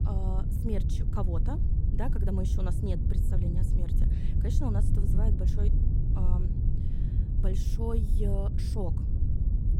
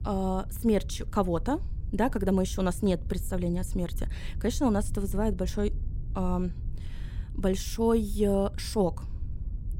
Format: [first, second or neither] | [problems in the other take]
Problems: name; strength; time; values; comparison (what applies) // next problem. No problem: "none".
second | low rumble; loud; throughout; 2 dB below the speech; faint in the second